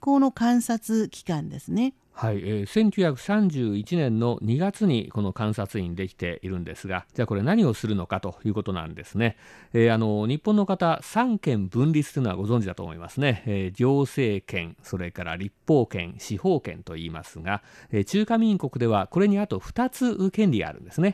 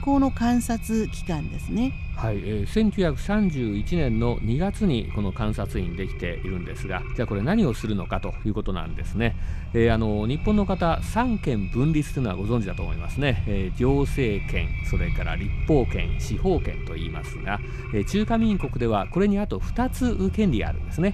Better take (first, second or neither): first